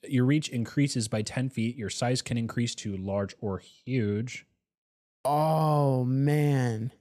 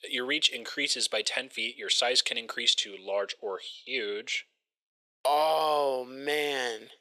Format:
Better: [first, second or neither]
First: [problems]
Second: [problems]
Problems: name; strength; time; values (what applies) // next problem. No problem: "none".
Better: first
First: none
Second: thin; very; fading below 450 Hz